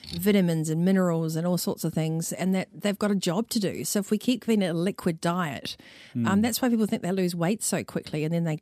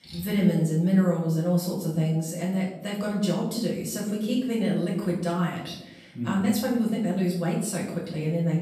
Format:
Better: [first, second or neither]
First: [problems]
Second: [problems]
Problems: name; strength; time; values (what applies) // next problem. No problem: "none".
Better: first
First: none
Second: off-mic speech; far // room echo; noticeable; dies away in 0.7 s